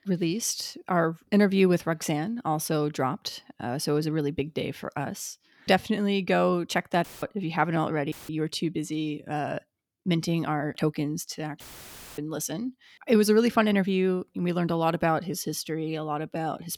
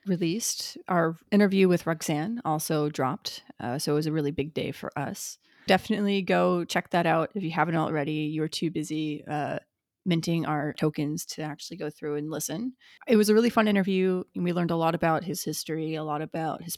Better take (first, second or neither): second